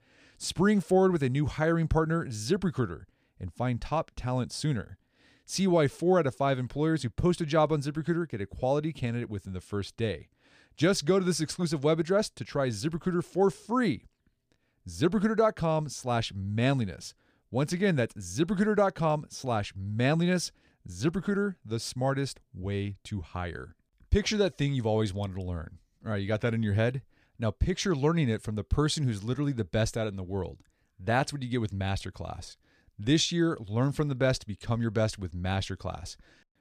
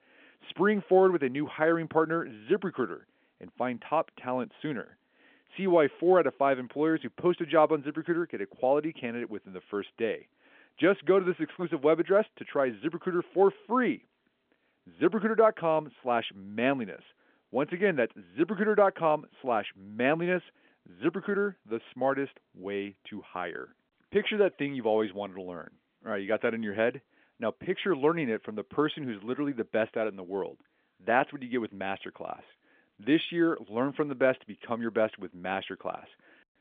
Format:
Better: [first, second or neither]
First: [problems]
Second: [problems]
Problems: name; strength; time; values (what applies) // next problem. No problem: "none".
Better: first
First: none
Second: phone-call audio; nothing above 3.5 kHz